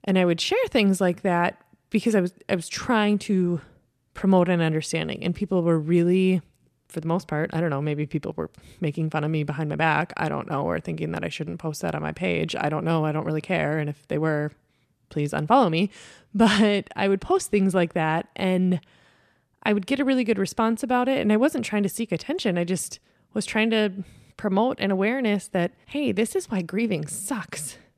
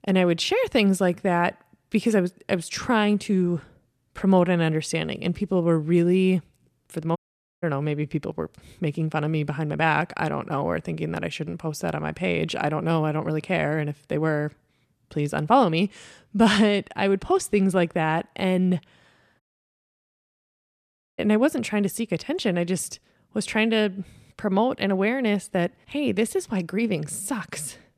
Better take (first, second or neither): first